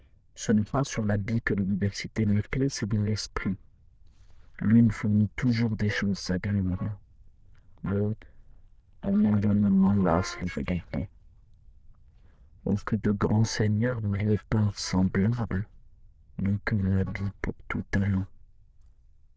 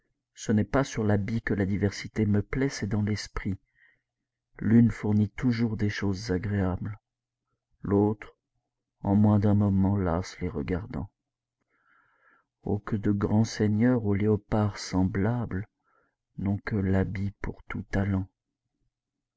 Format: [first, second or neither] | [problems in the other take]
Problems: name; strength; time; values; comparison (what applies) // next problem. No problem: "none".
second | noise reduction (neural diffusion model UNIVERSE++)